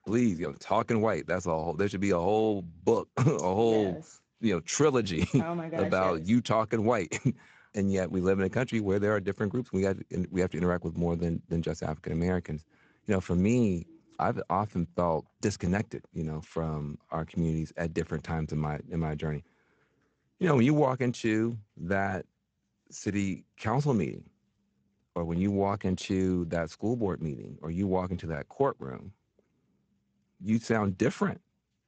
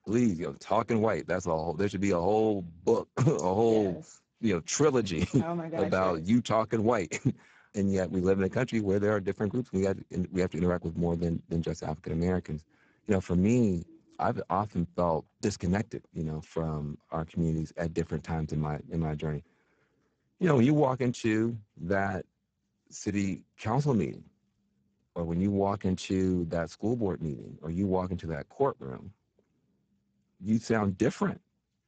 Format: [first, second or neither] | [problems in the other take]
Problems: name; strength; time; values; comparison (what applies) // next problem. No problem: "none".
first | garbled, watery; badly; nothing above 7.5 kHz; slightly in the first